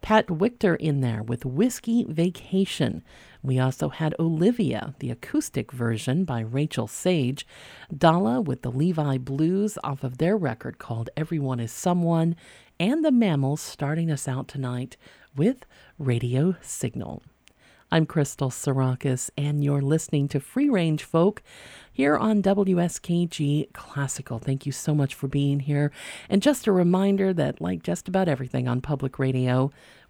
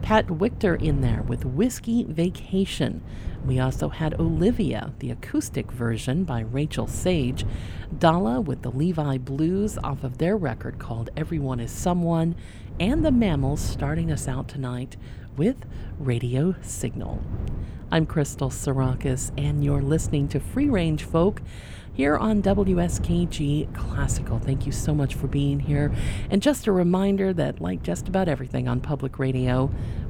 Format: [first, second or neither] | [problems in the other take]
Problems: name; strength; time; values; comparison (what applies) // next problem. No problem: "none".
first | wind noise on the microphone; occasional gusts; 15 dB below the speech